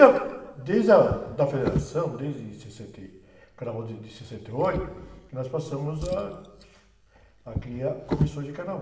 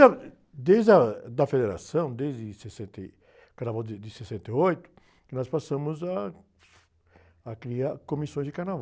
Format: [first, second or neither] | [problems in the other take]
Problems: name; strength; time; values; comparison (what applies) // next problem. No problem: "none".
second | background sound (Drawer open or close); 11 dB below the speech // room echo; dies away in 1 s